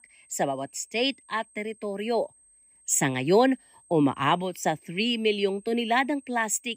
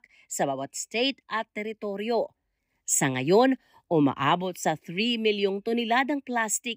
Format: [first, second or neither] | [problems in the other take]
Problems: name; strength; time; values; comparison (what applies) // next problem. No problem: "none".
second | high-pitched whine; faint; throughout; 8.5 kHz, 30 dB below the speech